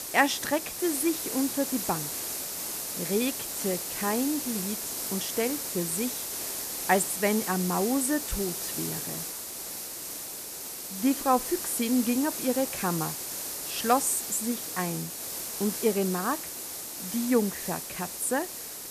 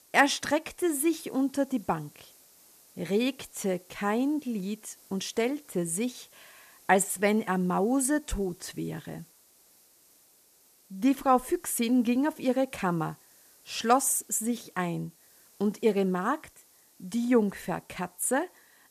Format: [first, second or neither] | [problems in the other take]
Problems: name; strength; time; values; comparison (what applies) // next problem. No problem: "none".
second | hiss; loud; throughout; 3 dB below the speech; faint in the second